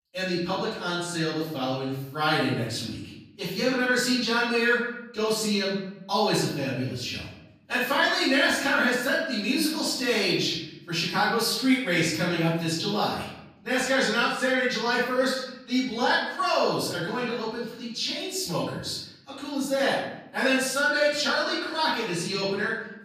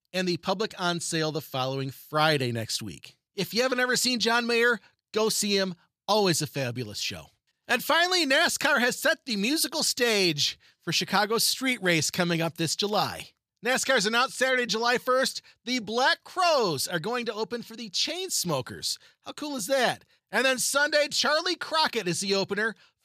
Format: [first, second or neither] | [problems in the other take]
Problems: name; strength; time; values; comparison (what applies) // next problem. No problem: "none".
second | off-mic speech; far // room echo; noticeable; dies away in 0.8 s